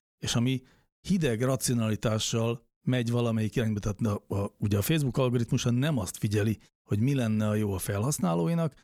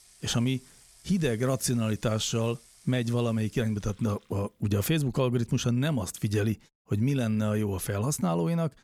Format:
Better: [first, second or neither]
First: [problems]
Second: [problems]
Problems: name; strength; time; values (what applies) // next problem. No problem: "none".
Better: first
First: none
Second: household noises; faint; until 4 s; 25 dB below the speech